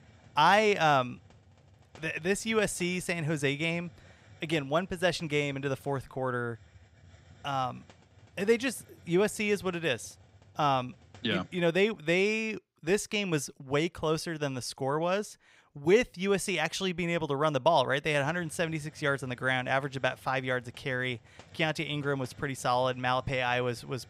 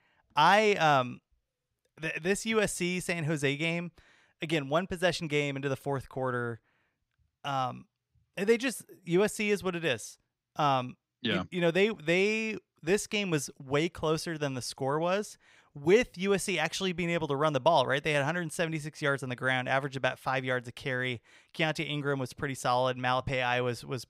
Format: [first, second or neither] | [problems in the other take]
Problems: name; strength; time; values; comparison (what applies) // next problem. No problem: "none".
second | hiss; faint; until 12 s and from 18 s on; 25 dB below the speech